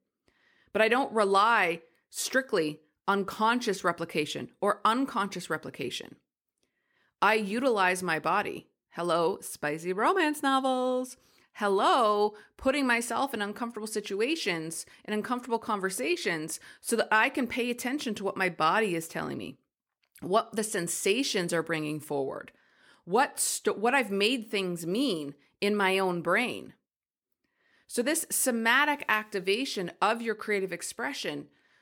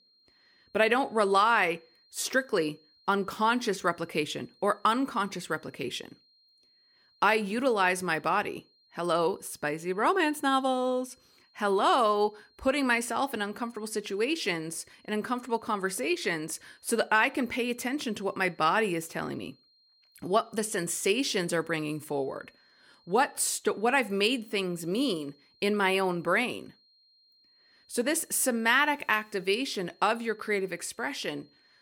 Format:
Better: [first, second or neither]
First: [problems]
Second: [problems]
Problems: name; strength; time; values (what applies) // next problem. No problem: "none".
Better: first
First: none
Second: high-pitched whine; faint; throughout; 4 kHz, 35 dB below the speech